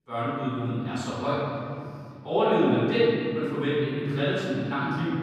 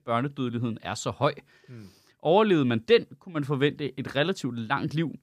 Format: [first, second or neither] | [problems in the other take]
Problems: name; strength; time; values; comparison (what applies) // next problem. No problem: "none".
second | off-mic speech; far // room echo; strong; dies away in 2.3 s